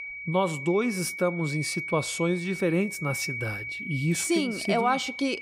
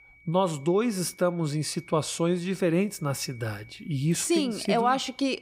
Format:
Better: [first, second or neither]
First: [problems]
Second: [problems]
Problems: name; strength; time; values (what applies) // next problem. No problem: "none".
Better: second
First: high-pitched whine; loud; throughout; 2.5 kHz, 6 dB below the speech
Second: high-pitched whine; faint; throughout; 2.5 kHz, 25 dB below the speech